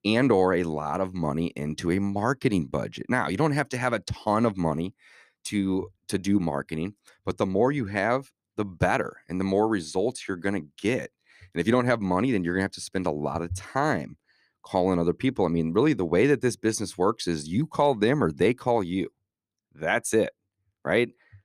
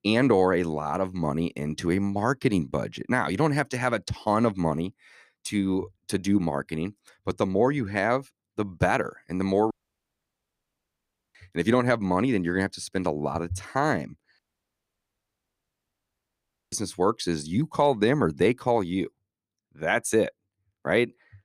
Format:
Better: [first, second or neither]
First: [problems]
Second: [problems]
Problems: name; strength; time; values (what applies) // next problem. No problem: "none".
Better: first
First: none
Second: audio cutting out; at 9.5 s for 1.5 s and at 14 s for 2.5 s